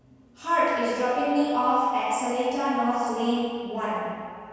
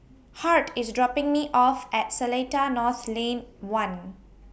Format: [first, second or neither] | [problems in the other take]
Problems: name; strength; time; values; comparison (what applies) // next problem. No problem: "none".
second | room echo; dies away in 1.9 s